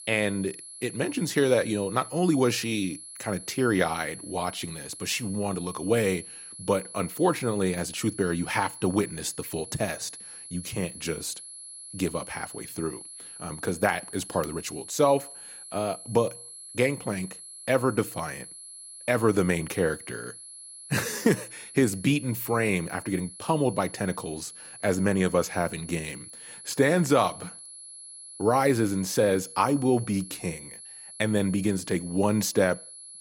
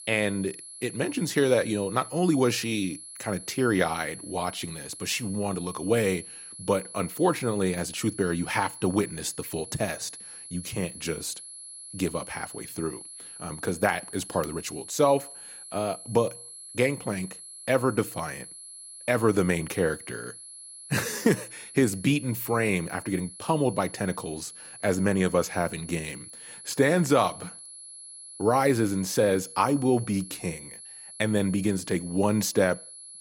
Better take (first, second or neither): neither